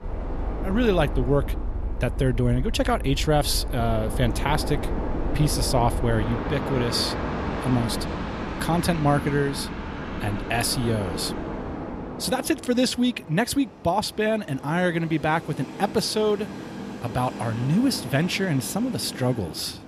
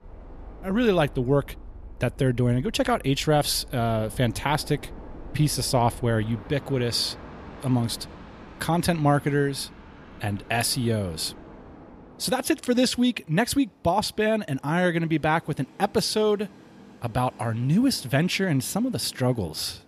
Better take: second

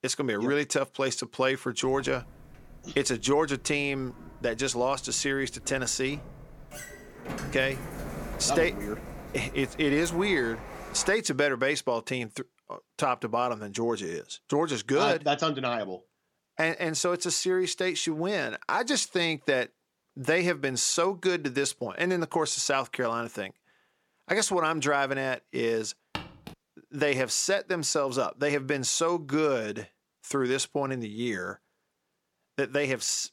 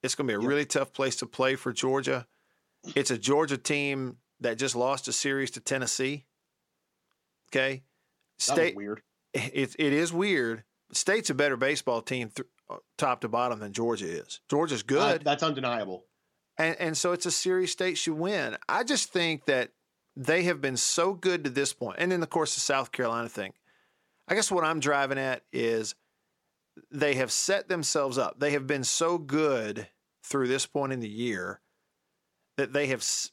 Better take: second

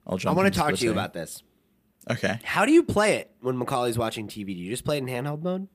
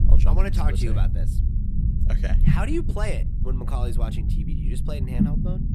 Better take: first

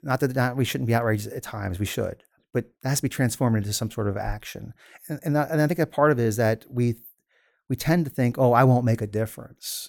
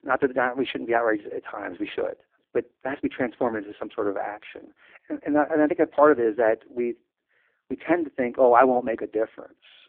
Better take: first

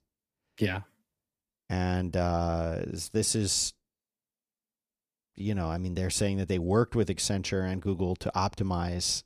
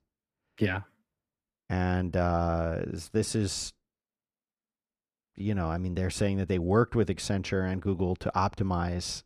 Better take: first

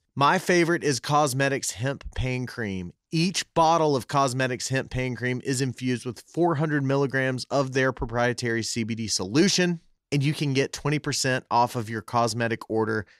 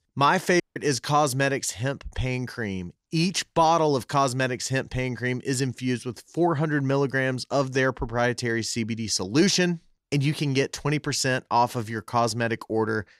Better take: first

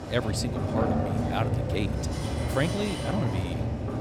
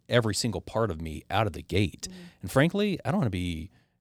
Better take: second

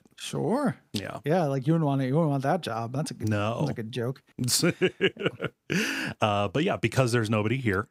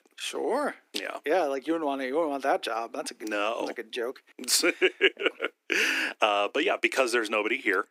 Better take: first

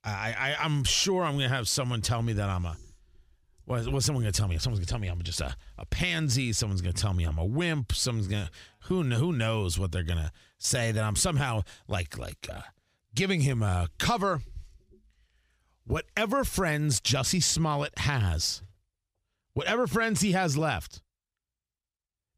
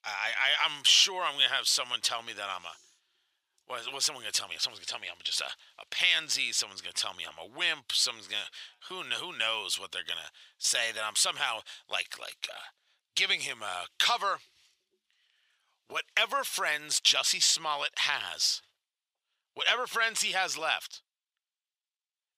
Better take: first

